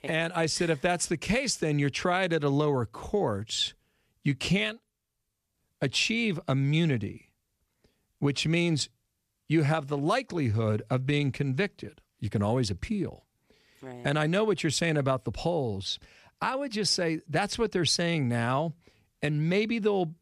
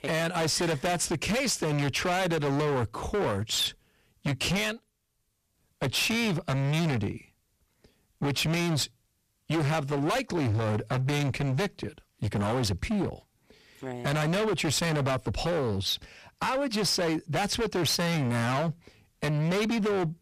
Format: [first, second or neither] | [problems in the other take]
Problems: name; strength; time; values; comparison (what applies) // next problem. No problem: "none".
first | distortion; heavy; 27% of the sound clipped